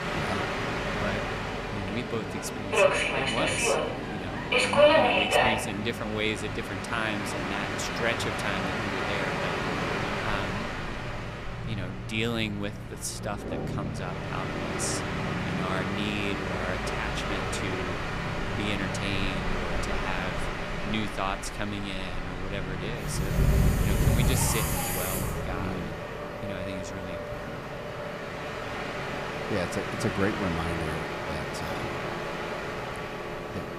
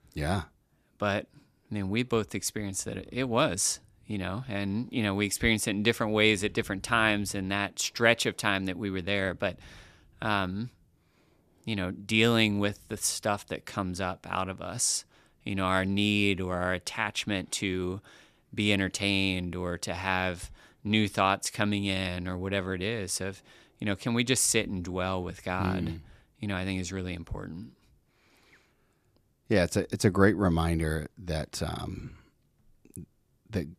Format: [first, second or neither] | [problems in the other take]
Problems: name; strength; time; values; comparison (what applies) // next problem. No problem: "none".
second | train or aircraft noise; very loud; throughout; 4 dB above the speech